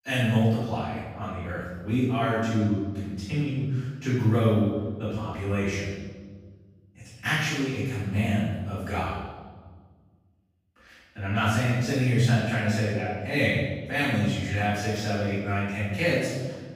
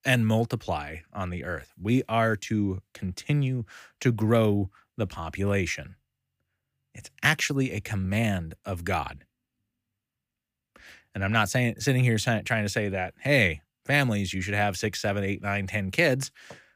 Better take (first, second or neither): second